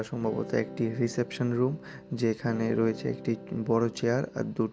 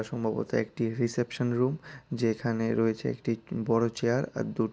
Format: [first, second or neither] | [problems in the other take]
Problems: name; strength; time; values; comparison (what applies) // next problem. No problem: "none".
second | background sound (Electric guitar / Strum); 14 dB below the speech